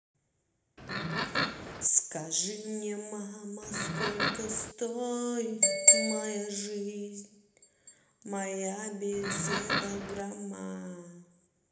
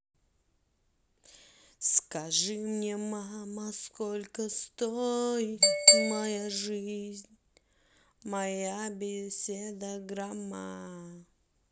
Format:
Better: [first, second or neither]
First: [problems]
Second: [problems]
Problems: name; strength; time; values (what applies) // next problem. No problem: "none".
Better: second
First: background sound (Livestock, farm animals, working animals); 2 dB below the speech // room echo; dies away in 1 s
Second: none